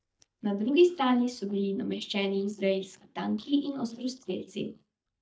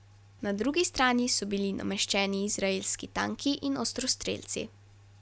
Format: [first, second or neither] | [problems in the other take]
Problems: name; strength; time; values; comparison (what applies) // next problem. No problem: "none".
second | noise reduction (neural mask model DeepFilterNet 3)